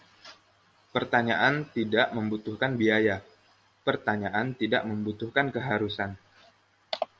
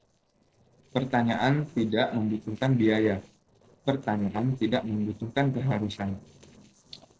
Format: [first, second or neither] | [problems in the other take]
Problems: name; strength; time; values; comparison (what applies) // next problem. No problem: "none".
first | noise reduction (neural separator model SepFormer DNS4)